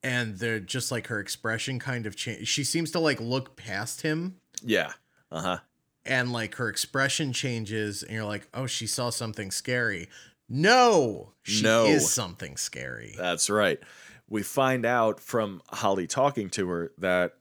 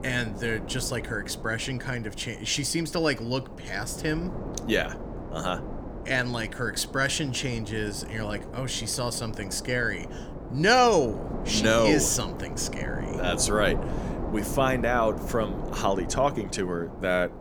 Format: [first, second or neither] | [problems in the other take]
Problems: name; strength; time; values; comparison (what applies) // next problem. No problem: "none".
first | wind noise on the microphone; occasional gusts; 15 dB below the speech